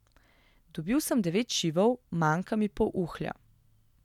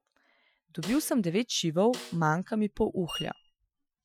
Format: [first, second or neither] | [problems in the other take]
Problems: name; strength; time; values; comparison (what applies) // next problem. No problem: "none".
first | noise reduction (classical method Wiener filter)